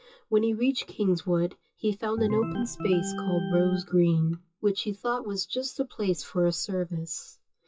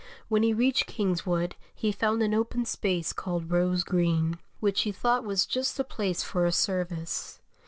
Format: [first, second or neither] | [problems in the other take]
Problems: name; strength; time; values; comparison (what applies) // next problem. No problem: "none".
second | noise reduction (classical method WPE with log-MMSE)